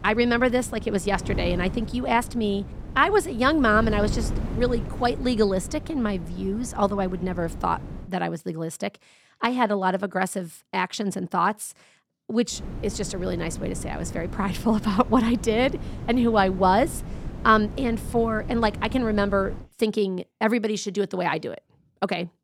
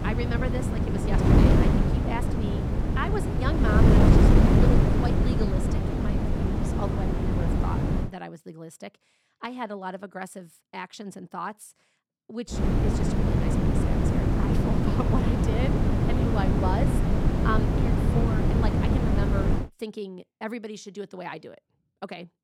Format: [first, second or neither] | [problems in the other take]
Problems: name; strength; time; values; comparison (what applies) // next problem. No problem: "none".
first | wind noise on the microphone; heavy; until 8 s and from 13 to 20 s; 4 dB above the speech; occasional gusts in the first